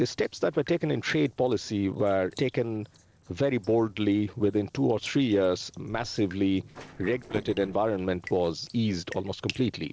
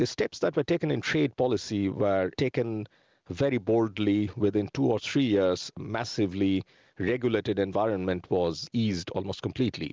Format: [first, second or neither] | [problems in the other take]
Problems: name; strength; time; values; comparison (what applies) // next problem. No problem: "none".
second | noise reduction (neural separator model SepFormer DNS4)